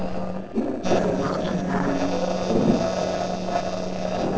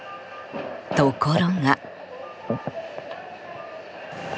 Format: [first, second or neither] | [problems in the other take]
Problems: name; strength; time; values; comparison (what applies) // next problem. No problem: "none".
second | noise reduction (neural separator model SepFormer DNS4)